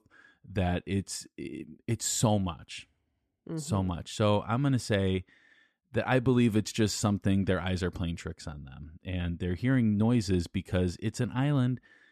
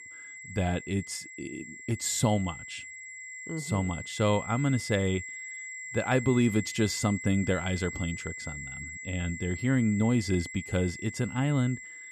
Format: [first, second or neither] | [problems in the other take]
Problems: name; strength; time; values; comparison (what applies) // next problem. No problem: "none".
first | high-pitched whine; noticeable; throughout; 2 kHz, 10 dB below the speech